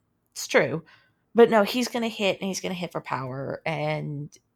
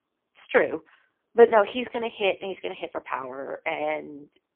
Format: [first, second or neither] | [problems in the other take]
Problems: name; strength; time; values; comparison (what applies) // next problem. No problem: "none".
first | phone-call audio; poor line; nothing above 3.5 kHz